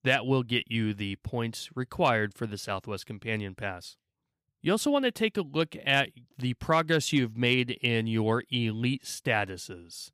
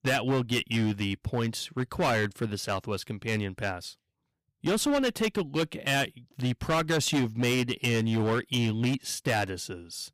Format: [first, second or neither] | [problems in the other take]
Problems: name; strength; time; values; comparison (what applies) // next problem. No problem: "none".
first | distortion; heavy; 11% of the sound clipped